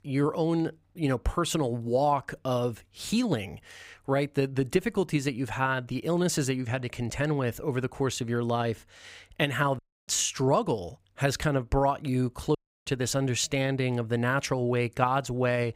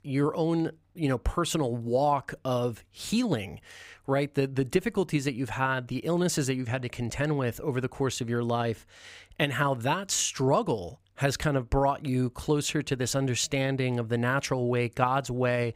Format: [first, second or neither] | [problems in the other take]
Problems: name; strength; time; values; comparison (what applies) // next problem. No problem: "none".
second | audio cutting out; at 10 s and at 13 s